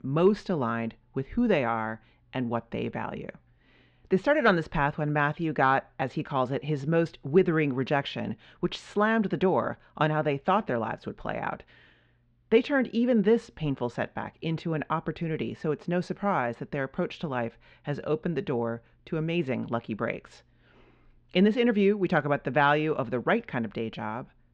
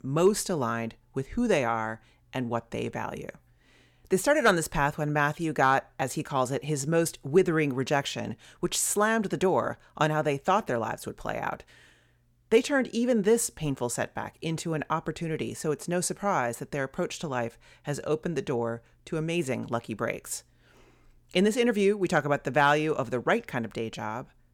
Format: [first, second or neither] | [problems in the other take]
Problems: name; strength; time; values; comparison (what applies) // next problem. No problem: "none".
second | muffled; very; fading above 4 kHz